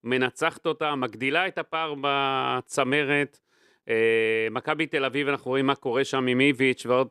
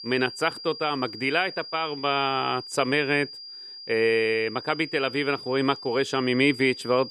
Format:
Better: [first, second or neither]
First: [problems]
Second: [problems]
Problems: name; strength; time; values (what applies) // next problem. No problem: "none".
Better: first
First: none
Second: high-pitched whine; noticeable; throughout; 5 kHz, 15 dB below the speech